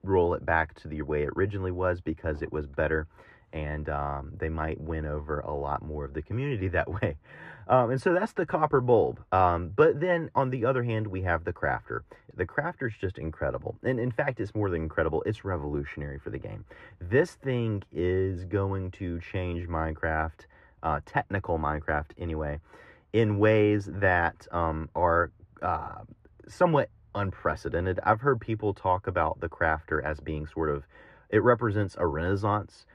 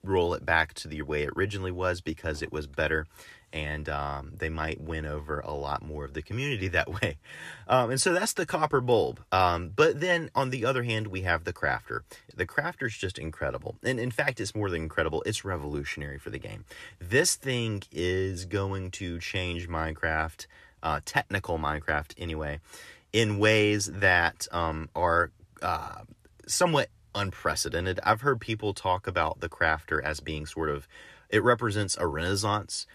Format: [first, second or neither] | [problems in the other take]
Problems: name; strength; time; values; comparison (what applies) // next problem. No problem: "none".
second | muffled; very; fading above 3 kHz